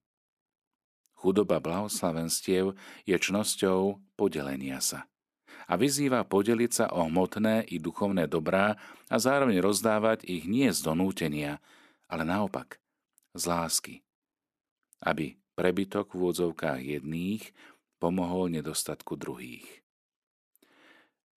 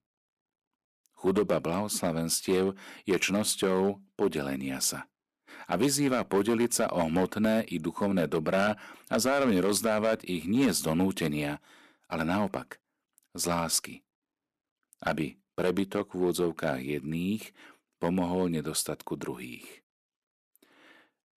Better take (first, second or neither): first